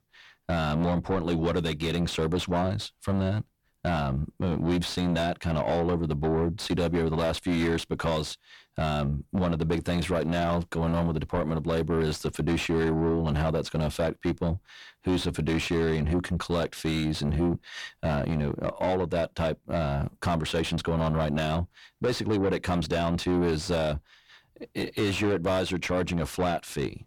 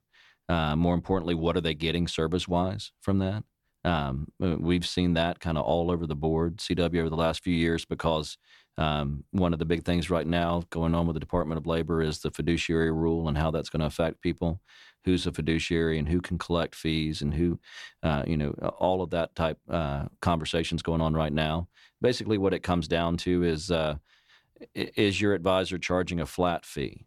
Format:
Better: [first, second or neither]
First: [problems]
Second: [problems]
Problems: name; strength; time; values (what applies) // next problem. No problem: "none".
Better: second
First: distortion; heavy; 7 dB below the speech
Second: none